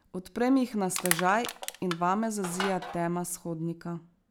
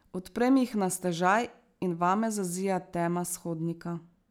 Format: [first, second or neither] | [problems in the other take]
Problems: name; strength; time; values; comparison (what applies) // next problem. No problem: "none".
second | background sound (Crushing); 7 dB below the speech